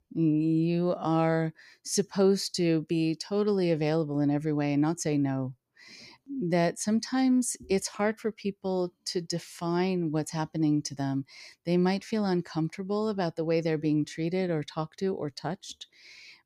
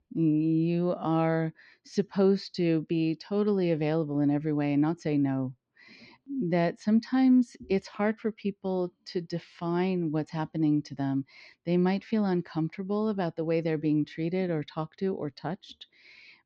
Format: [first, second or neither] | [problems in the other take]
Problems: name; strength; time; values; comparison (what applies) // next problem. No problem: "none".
first | muffled; slightly; fading above 4 kHz